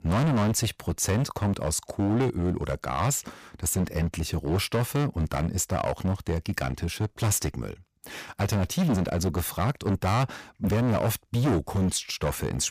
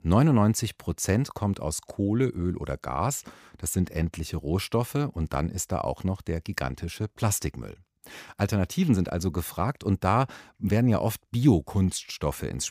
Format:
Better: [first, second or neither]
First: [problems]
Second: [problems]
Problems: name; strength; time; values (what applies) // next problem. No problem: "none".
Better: second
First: distortion; heavy; 15% of the sound clipped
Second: none